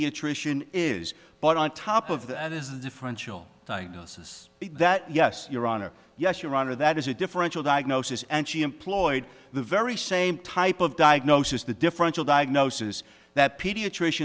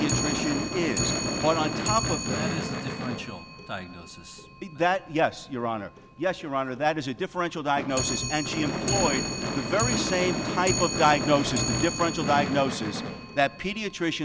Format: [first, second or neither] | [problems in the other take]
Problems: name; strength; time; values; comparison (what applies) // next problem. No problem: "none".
first | background sound (Clock + Gunshot, gunfire / Fireworks); 3 dB below the speech